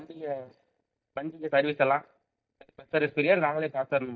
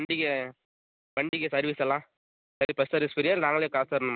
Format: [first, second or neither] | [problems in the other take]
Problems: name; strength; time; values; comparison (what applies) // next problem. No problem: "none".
second | noise reduction (neural mask model DeepFilterNet 3)